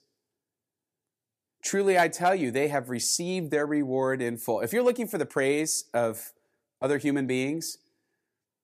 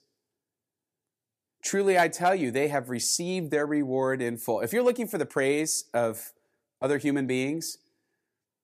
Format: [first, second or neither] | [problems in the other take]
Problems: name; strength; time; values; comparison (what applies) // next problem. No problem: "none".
neither | none